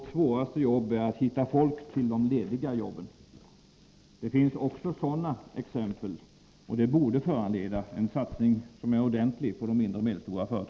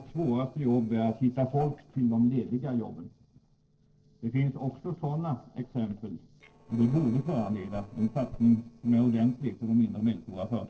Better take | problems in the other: first | noise reduction (neural separator model SepFormer DNS4)

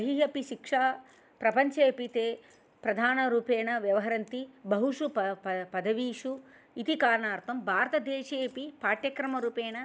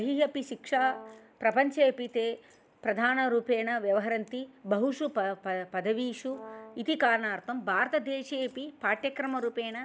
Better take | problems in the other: first | background sound (Brass instrument); 19 dB below the speech

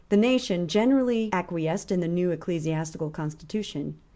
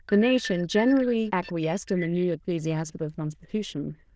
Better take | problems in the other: first | noise reduction (neural diffusion model UNIVERSE++)

